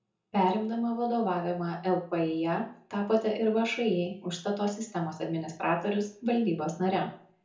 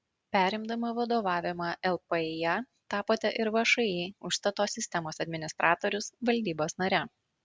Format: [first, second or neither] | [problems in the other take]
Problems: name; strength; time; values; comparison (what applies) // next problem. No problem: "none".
second | room echo; dies away in 0.5 s